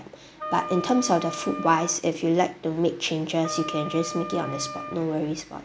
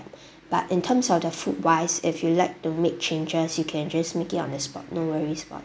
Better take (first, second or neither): second